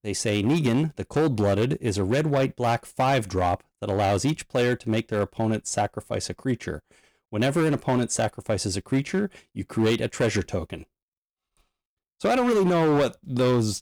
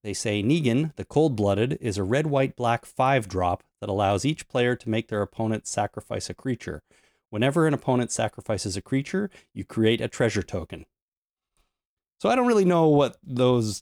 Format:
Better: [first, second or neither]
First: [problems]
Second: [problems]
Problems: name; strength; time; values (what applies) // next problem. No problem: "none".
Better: second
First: distortion; slight; 8% of the sound clipped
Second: none